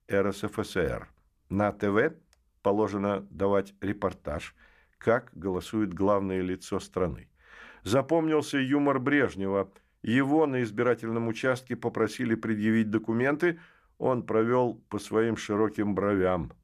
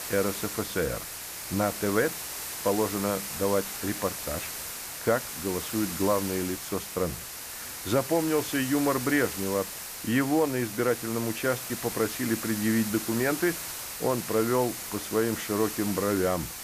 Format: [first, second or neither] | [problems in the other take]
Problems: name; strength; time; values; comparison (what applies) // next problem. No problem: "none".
first | hiss; loud; throughout; 6 dB below the speech